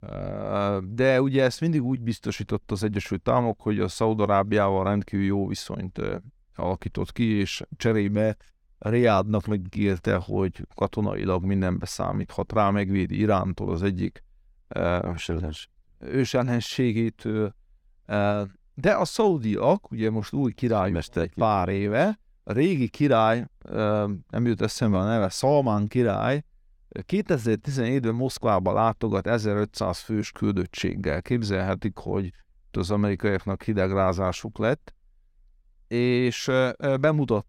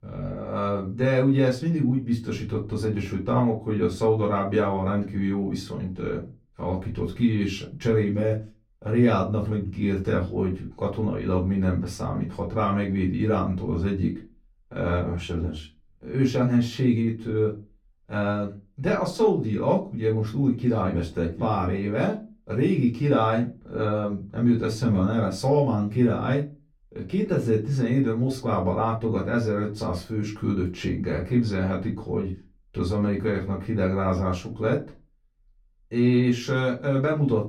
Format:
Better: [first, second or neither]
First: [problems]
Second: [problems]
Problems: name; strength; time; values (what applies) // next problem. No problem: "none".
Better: first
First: none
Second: off-mic speech; far // room echo; very slight; dies away in 0.2 s